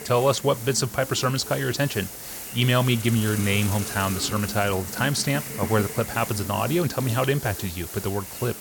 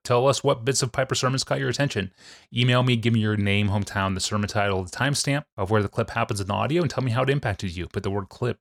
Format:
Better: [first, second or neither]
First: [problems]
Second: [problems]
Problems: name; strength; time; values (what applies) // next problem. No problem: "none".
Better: second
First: hiss; loud; throughout; 8 dB below the speech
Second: none